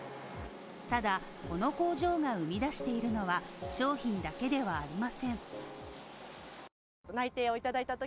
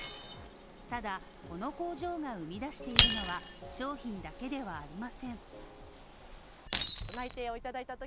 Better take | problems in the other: first | background sound (Shatter); 2 dB above the speech

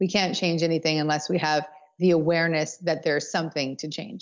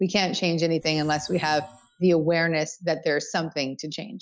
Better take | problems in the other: first | noise reduction (classical method Wiener filter)

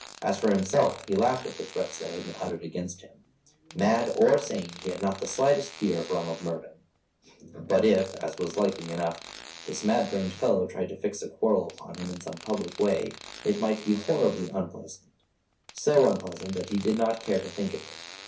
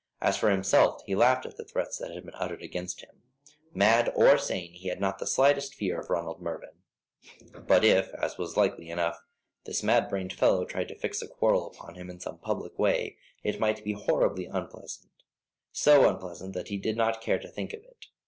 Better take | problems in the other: second | background sound (Fart); 18 dB below the speech // room echo; dies away in 0.3 s

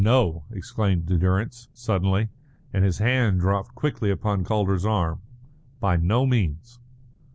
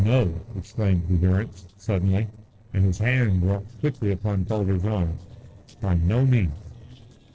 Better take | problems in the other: first | noise reduction (neural separator model SepFormer DNS4)

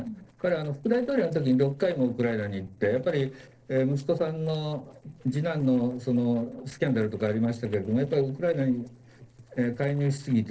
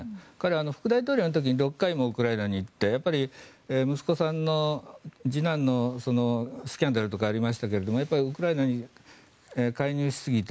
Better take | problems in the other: second | noise reduction (neural separator model SepFormer DNS4)

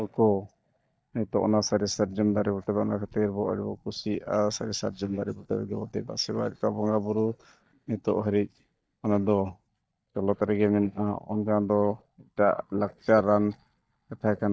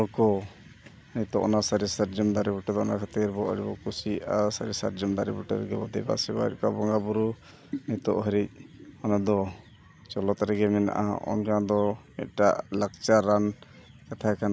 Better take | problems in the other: second | noise reduction (neural mask model DeepFilterNet 3)

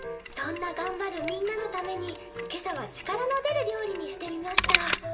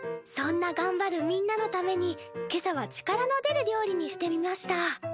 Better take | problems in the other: second | background sound (Mechanisms); 3 dB below the speech // room echo; dies away in 1.8 s

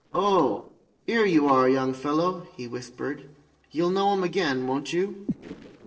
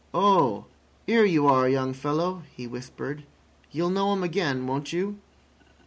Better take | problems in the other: second | noise reduction (neural separator model SepFormer DNS4)

